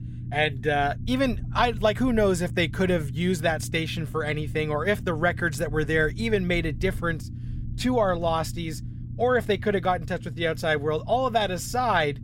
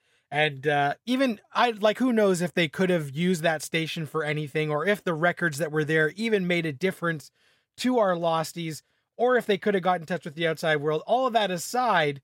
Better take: second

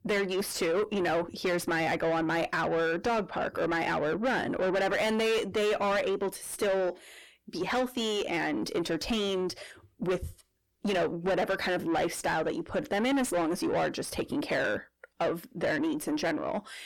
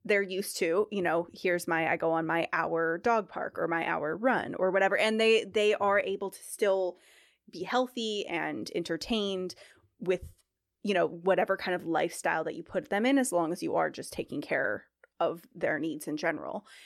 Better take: second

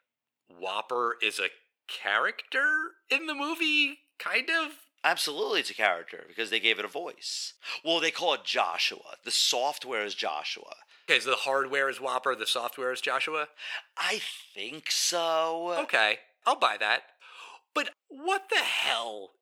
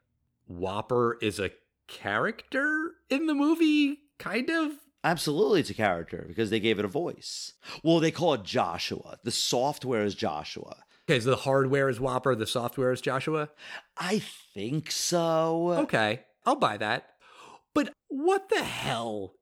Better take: second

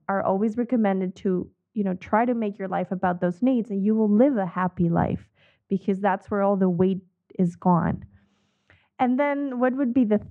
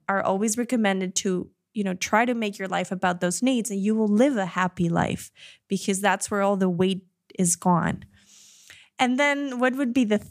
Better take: second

